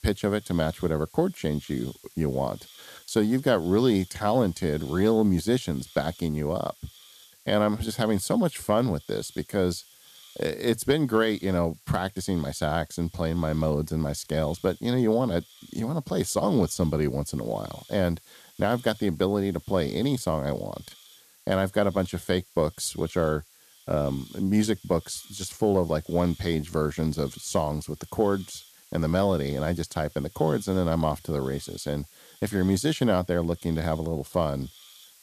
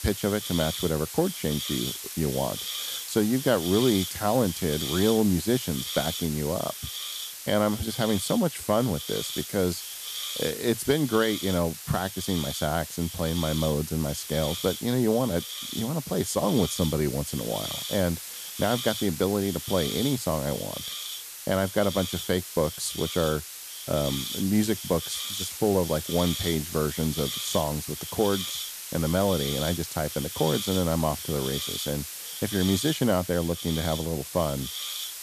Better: first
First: hiss; faint; throughout; 25 dB below the speech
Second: hiss; loud; throughout; 6 dB below the speech

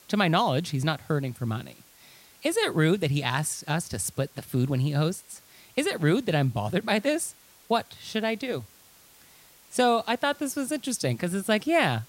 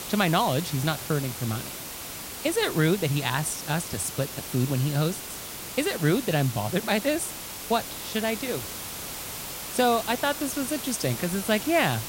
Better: first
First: hiss; faint; throughout; 25 dB below the speech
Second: hiss; loud; throughout; 7 dB below the speech

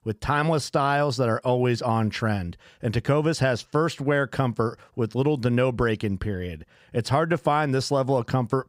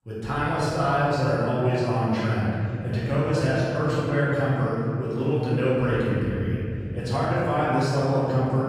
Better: first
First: none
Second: room echo; strong; dies away in 3 s // off-mic speech; far

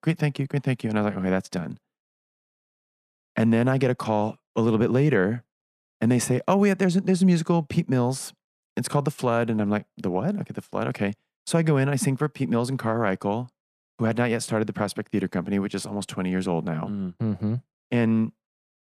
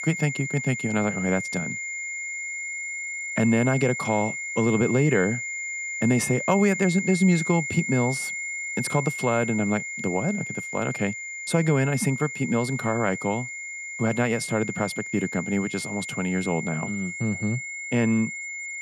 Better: first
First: none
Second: high-pitched whine; loud; throughout; 2 kHz, 5 dB below the speech

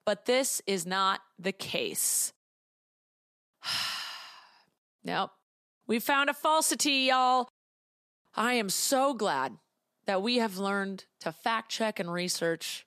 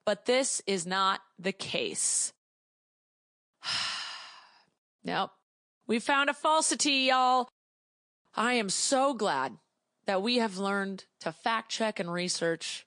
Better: first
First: none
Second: garbled, watery; slightly; nothing above 8.5 kHz

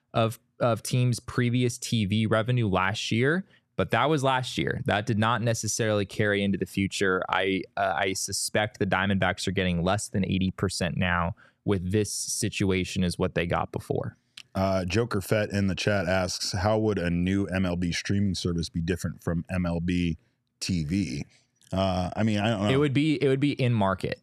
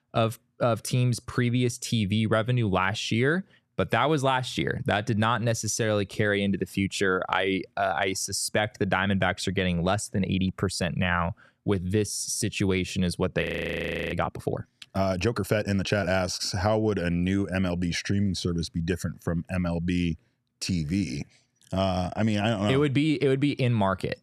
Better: first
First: none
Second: audio freezing; at 13 s for 0.5 s

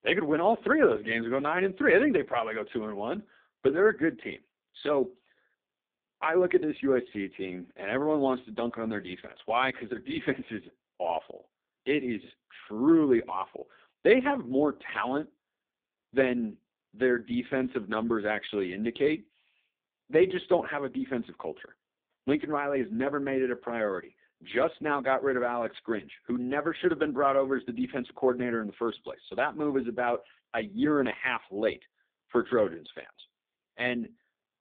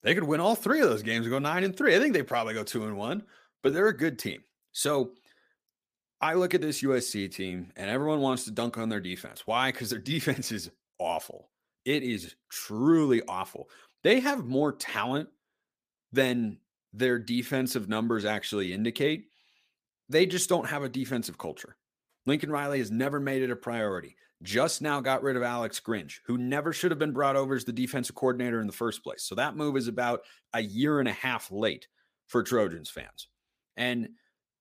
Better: second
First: phone-call audio; poor line; nothing above 3.5 kHz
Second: none

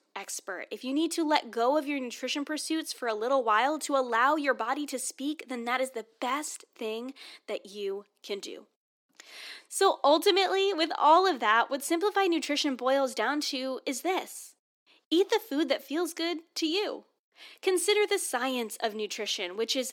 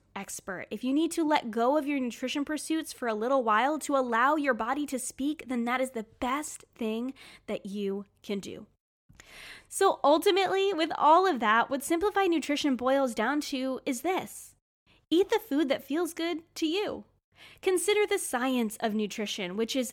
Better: second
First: thin; very slightly; fading below 300 Hz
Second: none

